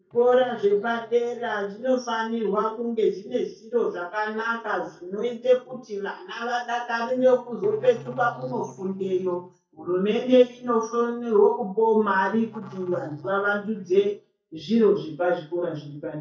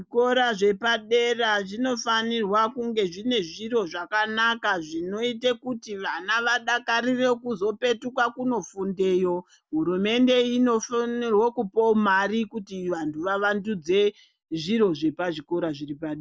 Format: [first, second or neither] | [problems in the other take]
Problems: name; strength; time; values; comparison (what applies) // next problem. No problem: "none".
second | noise reduction (neural mask model DeepFilterNet 3)